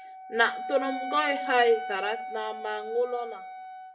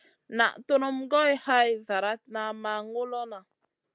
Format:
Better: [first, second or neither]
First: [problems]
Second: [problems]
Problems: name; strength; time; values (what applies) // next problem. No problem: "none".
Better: second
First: background sound (Wind instrument, woodwind instrument); 8 dB below the speech // room echo; dies away in 0.4 s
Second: none